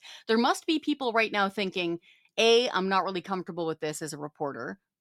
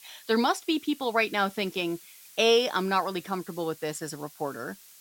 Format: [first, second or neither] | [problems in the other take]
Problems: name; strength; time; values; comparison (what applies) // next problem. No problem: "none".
first | hiss; faint; throughout; 20 dB below the speech